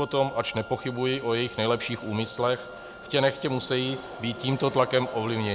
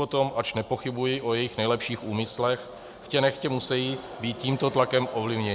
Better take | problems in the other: second | background sound (Wind instrument, woodwind instrument); 20 dB below the speech

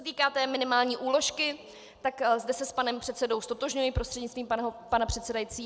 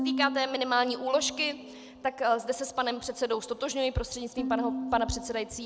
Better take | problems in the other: first | background sound (Bowed string instrument); 8 dB below the speech

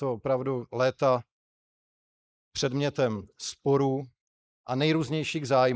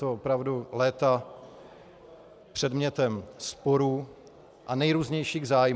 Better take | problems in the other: second | noise reduction (neural mask model Resemble Enhance denoiser)

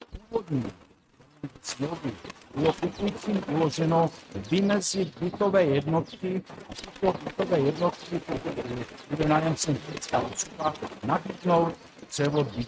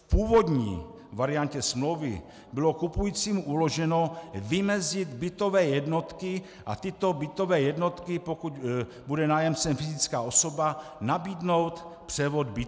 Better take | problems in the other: second | noise reduction (neural mask model RNNoise)

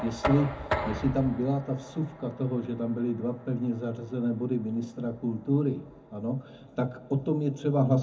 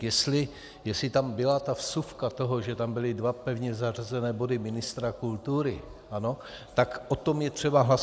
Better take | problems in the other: second | background sound (Knock); 11 dB below the speech // room echo; dies away in 0.3 s

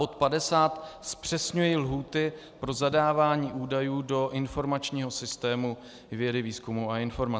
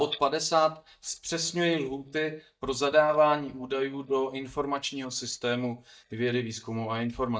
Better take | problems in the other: first | noise reduction (neural mask model DeepFilterNet 3)

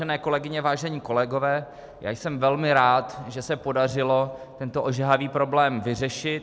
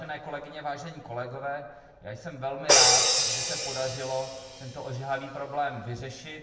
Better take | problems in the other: first | background sound (Crash cymbal); 5 dB above the speech // room echo; dies away in 1 s

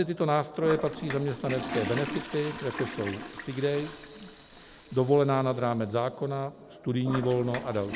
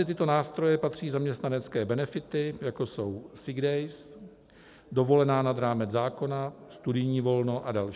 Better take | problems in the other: second | background sound (Toilet flush); 11 dB below the speech

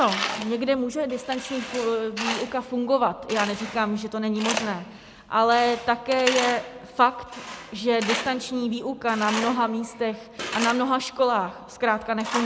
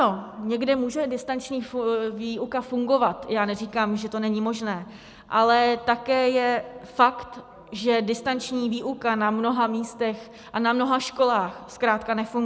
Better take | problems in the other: second | background sound (Tools); 9 dB below the speech

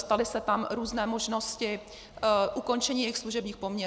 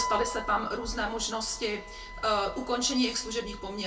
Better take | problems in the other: first | background sound (Wind instrument, woodwind instrument); 11 dB below the speech // room echo; dies away in 0.1 s

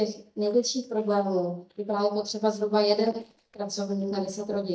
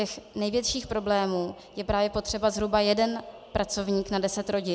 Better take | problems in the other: second | noise reduction (neural mask model DeepFilterNet 3)

